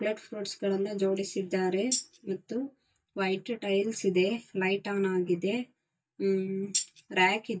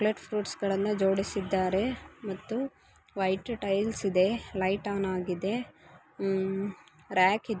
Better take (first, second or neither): second